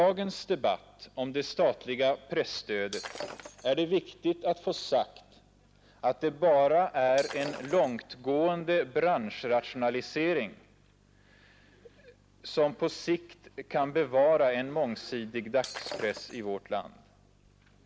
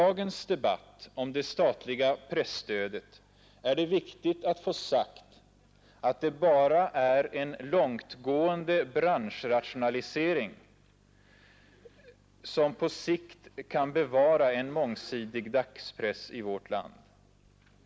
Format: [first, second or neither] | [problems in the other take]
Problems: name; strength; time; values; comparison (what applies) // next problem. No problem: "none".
second | background sound (Shatter); 14 dB below the speech